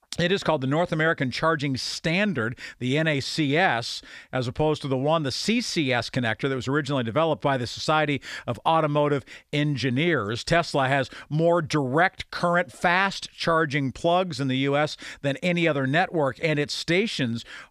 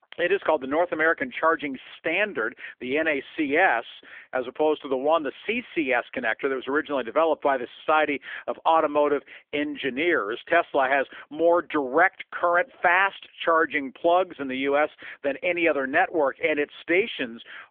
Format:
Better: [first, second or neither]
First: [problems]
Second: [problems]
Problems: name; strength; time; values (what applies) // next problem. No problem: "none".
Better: first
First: none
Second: phone-call audio; nothing above 3.5 kHz